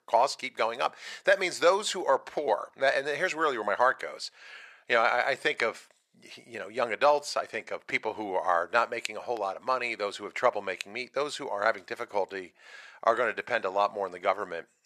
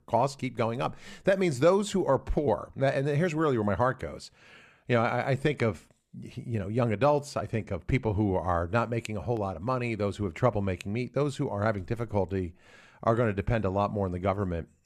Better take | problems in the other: second | thin; very; fading below 650 Hz

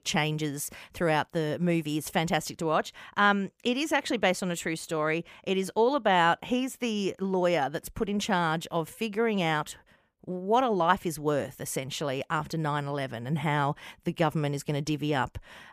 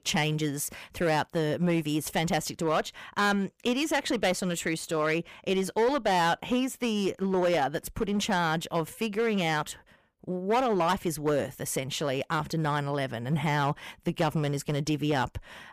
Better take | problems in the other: first | distortion; slight; 8% of the sound clipped

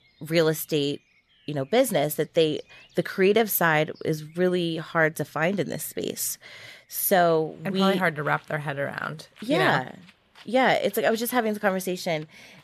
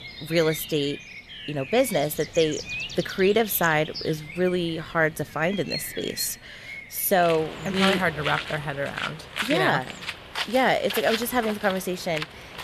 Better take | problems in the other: first | animal sounds; loud; throughout; 8 dB below the speech; faint in the first

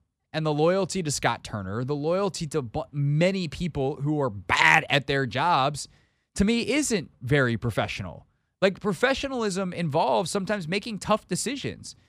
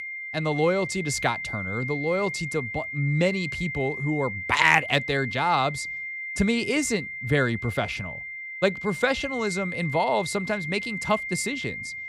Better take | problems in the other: first | high-pitched whine; loud; throughout; 2 kHz, 6 dB below the speech

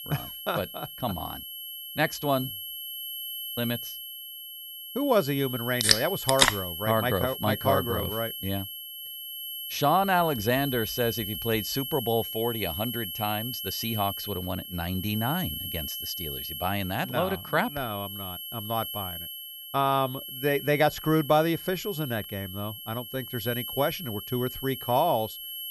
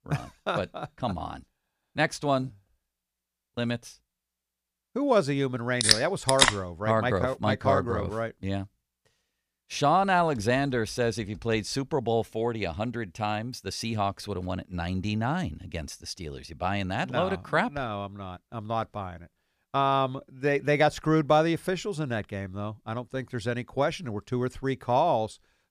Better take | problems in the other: second | high-pitched whine; loud; throughout; 3 kHz, 7 dB below the speech

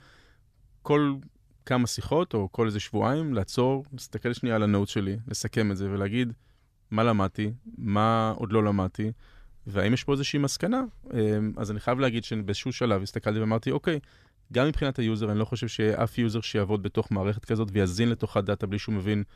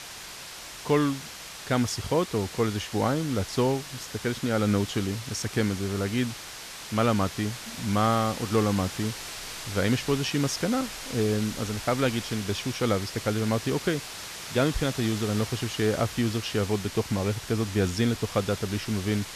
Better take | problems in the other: first | hiss; loud; throughout; 9 dB below the speech

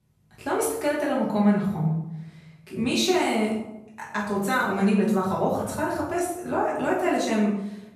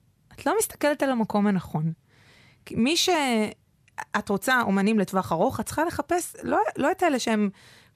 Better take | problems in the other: second | off-mic speech; far // room echo; noticeable; dies away in 0.7 s

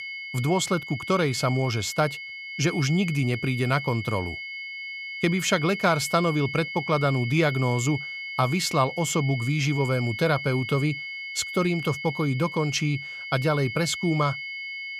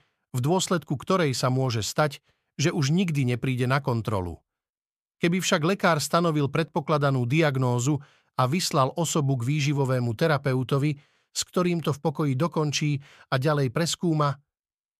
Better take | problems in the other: second | high-pitched whine; loud; throughout; 2 kHz, 8 dB below the speech

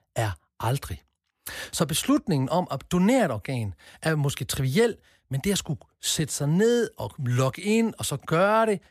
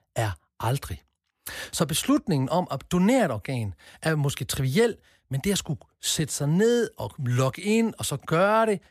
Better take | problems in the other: neither | none

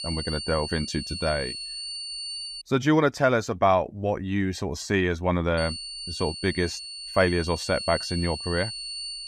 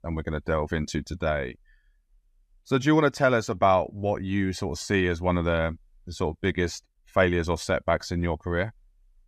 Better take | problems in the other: second | high-pitched whine; loud; until 2.5 s and from 5.5 s on; 4.5 kHz, 7 dB below the speech

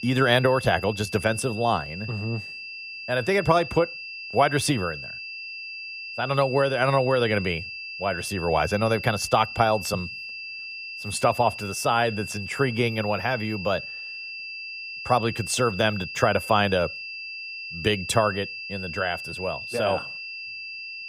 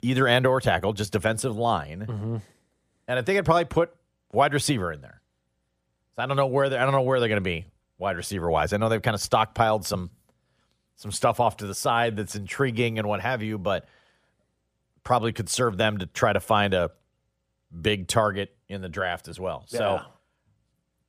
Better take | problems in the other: second | high-pitched whine; loud; throughout; 2.5 kHz, 9 dB below the speech

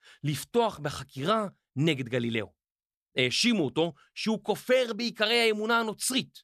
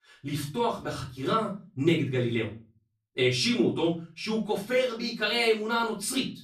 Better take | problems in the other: first | off-mic speech; far // room echo; slight; dies away in 0.3 s

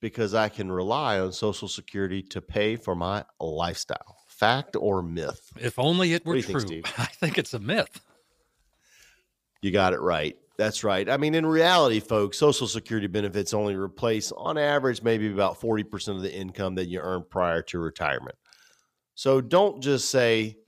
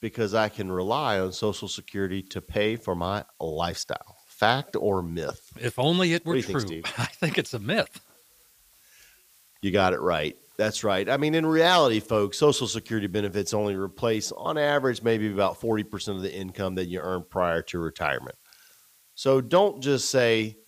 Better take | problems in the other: first | hiss; faint; throughout; 30 dB below the speech

